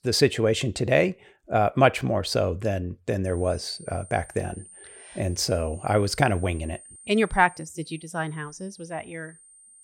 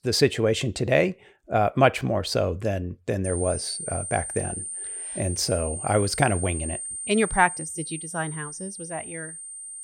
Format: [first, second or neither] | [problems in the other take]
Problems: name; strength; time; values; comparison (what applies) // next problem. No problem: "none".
first | high-pitched whine; loud; from 3.5 s on; 9 kHz, 7 dB below the speech; faint in the first